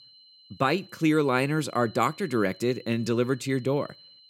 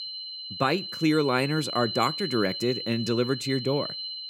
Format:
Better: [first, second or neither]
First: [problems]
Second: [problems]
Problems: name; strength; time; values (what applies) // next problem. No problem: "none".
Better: first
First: high-pitched whine; faint; throughout; 4 kHz, 25 dB below the speech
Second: high-pitched whine; loud; throughout; 4 kHz, 6 dB below the speech